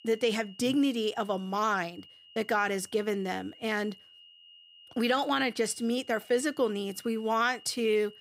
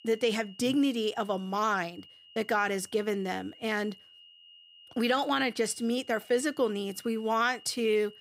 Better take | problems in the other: neither | high-pitched whine; faint; throughout; 3 kHz, 20 dB below the speech; the same in both

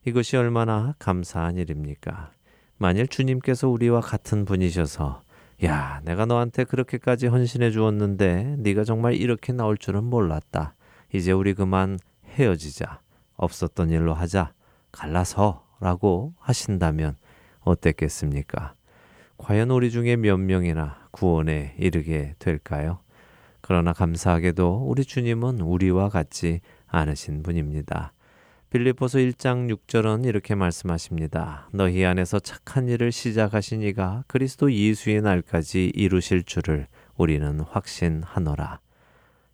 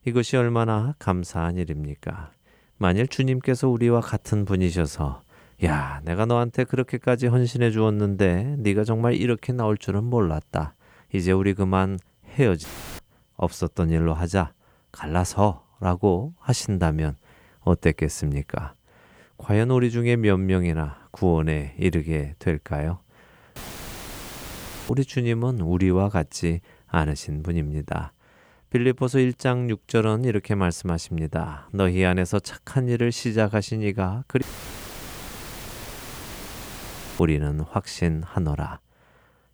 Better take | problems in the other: first | audio cutting out; filled with static; at 13 s, at 24 s for 1.5 s and at 34 s for 3 s

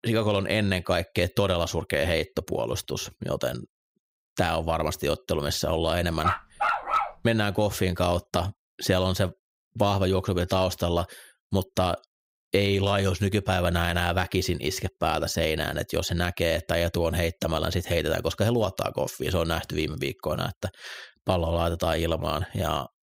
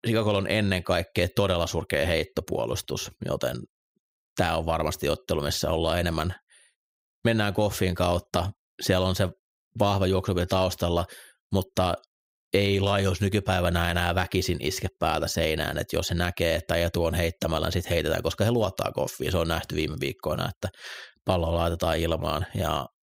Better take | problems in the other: second | dog barking; loud; at 6 s; peak 2 dB above the speech

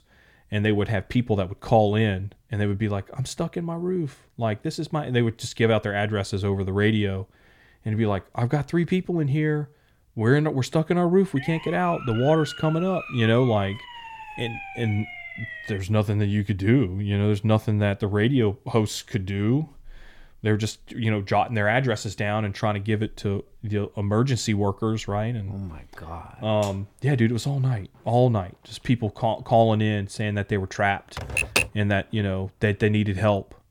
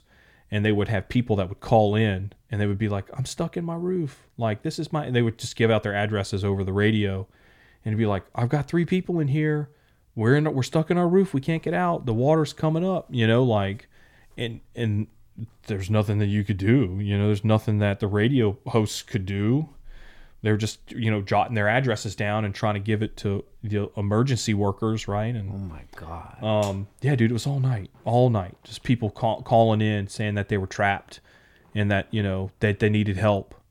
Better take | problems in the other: second | siren; faint; from 11 to 16 s; peak 10 dB below the speech // keyboard typing; loud; at 31 s; peak 2 dB above the speech

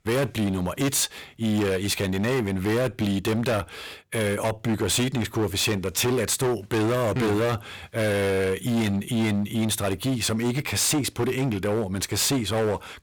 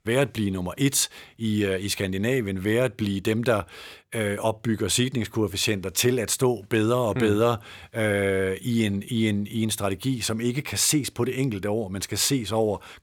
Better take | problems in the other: second | distortion; heavy; 21% of the sound clipped

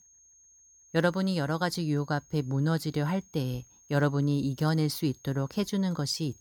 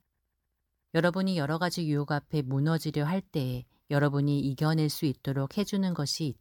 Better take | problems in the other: second | high-pitched whine; faint; throughout; 6.5 kHz, 25 dB below the speech

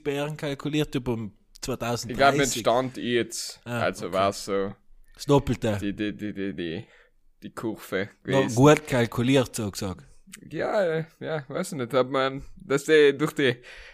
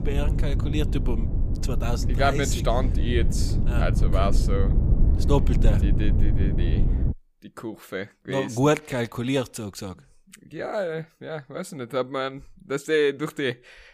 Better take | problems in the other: first | low rumble; loud; until 7 s; 9 dB below the speech

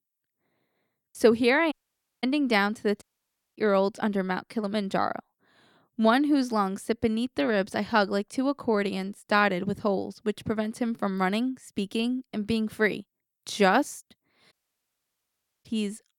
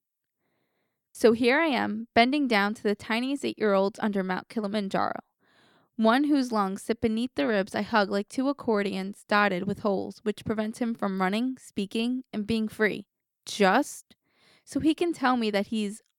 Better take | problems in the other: second | audio cutting out; at 1.5 s for 0.5 s, at 3 s for 0.5 s and at 15 s for 1 s

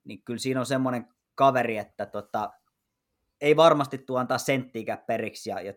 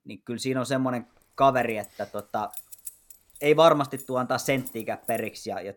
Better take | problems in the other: first | jangling keys; faint; from 1.5 to 5.5 s; peak 10 dB below the speech

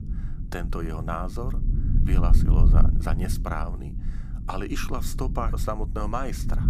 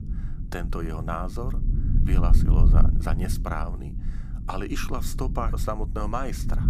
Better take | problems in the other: neither | low rumble; loud; throughout; 9 dB below the speech; the same in both

